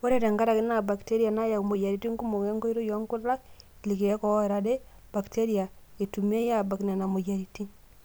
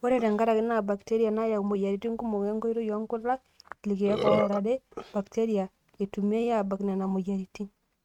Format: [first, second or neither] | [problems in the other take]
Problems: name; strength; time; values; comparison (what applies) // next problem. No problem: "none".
first | noise reduction (neural mask model RNNoise)